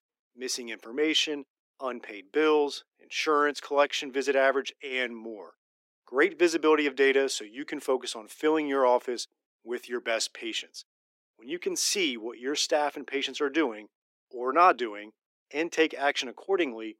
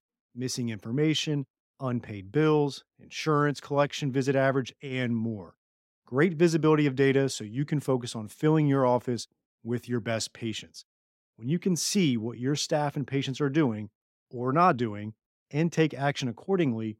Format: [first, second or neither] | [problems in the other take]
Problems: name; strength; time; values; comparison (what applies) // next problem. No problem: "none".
second | thin; somewhat; fading below 350 Hz